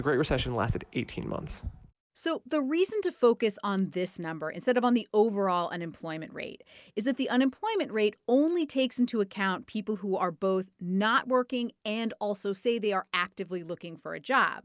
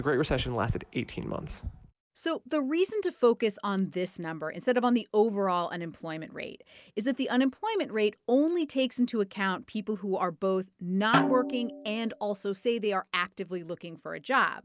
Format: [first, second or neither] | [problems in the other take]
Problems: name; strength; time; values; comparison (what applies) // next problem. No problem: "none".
first | background sound (Snare drum); 5 dB below the speech